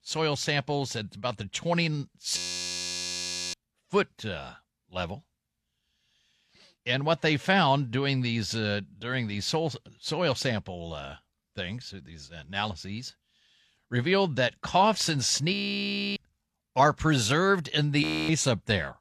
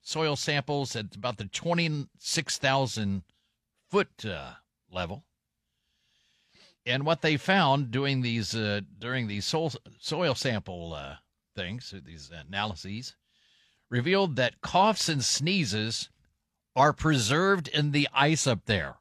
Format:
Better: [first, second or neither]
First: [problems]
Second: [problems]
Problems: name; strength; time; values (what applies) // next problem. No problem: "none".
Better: second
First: audio freezing; at 2.5 s for 1 s, at 16 s for 0.5 s and at 18 s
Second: none